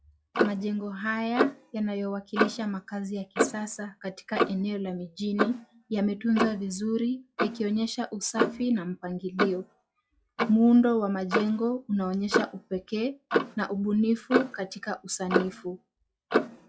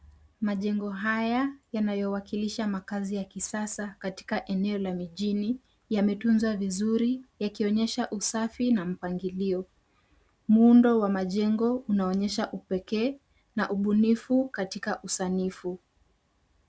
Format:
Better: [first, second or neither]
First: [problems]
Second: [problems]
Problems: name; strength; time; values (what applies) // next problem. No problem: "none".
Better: second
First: noise reduction (classical method log-MMSE)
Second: none